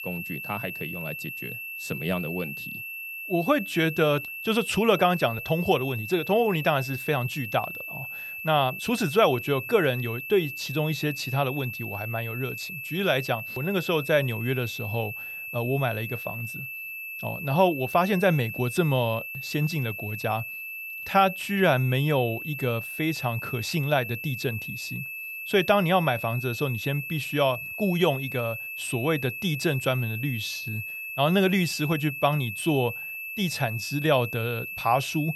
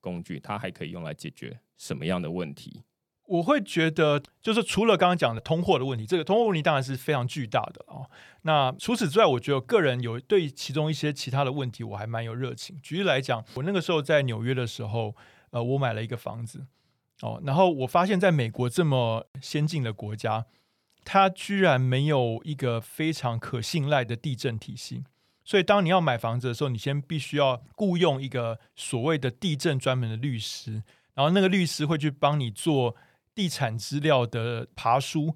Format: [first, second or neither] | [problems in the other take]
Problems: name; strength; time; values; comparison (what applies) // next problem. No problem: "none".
second | high-pitched whine; loud; throughout; 2.5 kHz, 7 dB below the speech